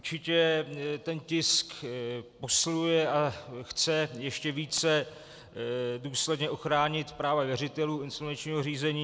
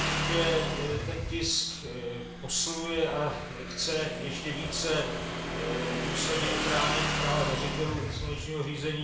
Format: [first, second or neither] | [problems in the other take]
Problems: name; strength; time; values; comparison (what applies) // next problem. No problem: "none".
first | background sound (Motorcycle / Engine); 1 dB below the speech // room echo; dies away in 0.7 s